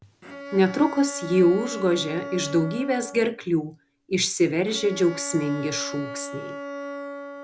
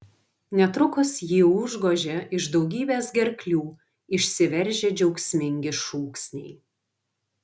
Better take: second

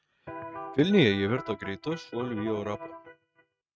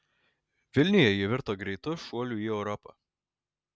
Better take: second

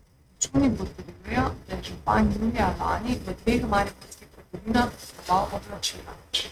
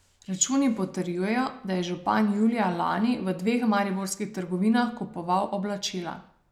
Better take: second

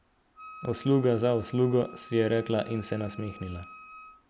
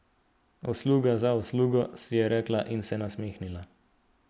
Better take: second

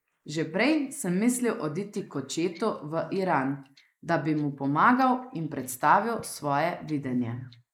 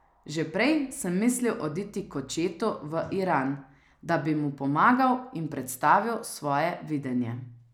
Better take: second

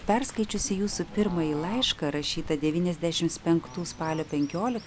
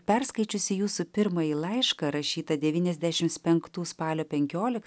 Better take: second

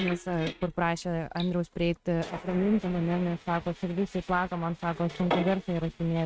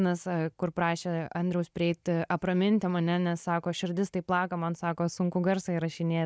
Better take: second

